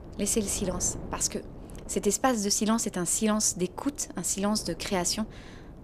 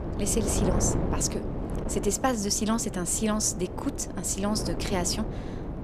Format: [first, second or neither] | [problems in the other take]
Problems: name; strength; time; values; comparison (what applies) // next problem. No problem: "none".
first | wind noise on the microphone; heavy; 7 dB below the speech; occasional gusts in the first